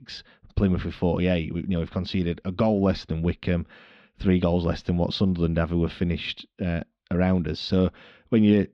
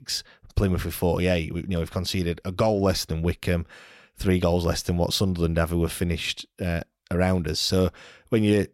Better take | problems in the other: second | muffled; slightly; fading above 3.5 kHz

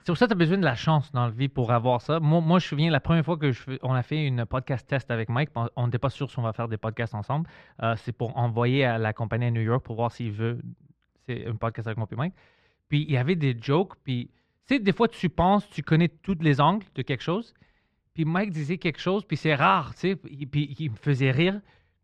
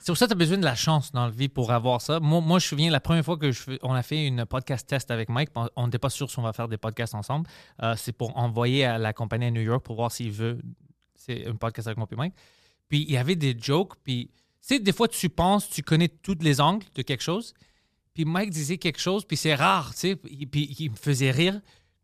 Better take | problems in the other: second | muffled; slightly; fading above 2 kHz

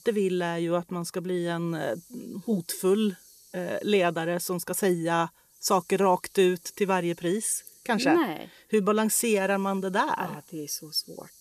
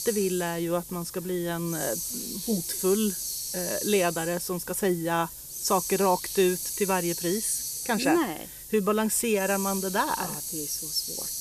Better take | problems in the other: first | hiss; loud; throughout; 5 dB below the speech; faint in the first

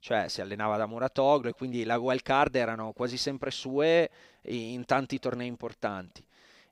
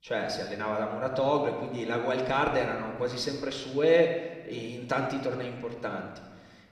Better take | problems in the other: first | room echo; noticeable; dies away in 1.2 s // off-mic speech; somewhat distant

